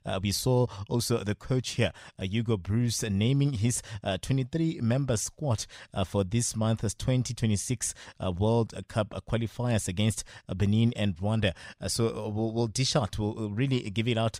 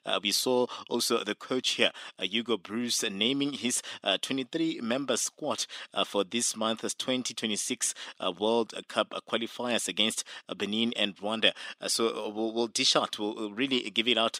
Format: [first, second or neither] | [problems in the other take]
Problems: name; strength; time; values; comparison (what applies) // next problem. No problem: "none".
first | thin; somewhat; fading below 250 Hz